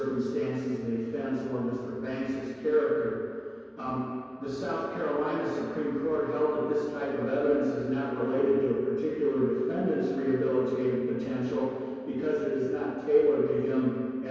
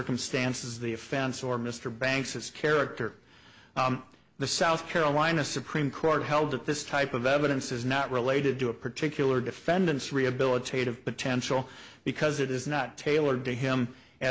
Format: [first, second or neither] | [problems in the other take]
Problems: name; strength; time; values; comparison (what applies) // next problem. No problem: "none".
second | room echo; dies away in 2.2 s